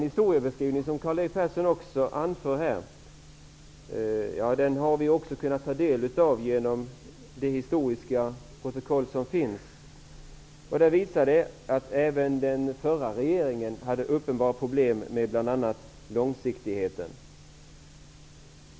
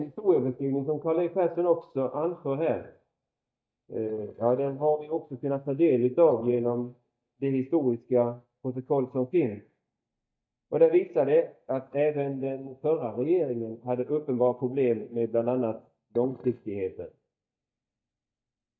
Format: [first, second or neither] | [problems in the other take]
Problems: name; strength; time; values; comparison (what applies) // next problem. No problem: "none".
first | noise reduction (neural mask model DeepFilterNet 3)